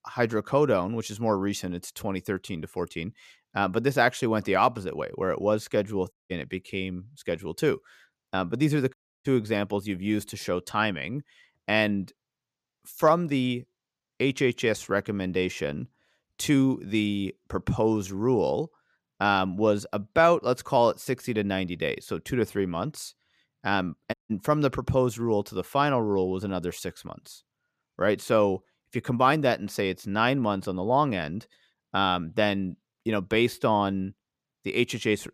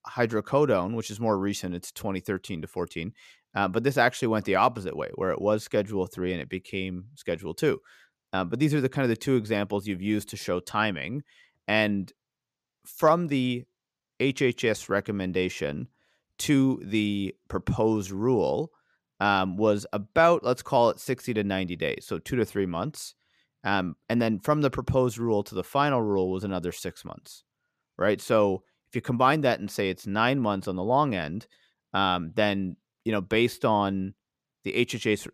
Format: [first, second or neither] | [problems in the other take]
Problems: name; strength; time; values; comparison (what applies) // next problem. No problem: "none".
second | audio cutting out; at 6 s, at 9 s and at 24 s